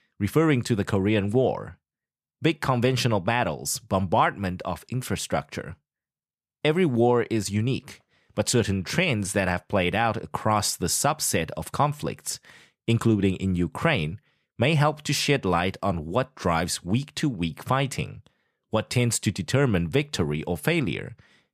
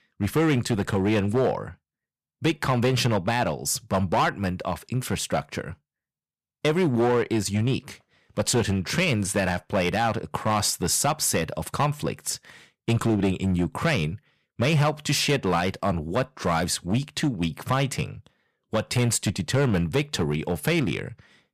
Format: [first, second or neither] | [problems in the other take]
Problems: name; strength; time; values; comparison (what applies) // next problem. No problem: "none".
first | distortion; slight; 6% of the sound clipped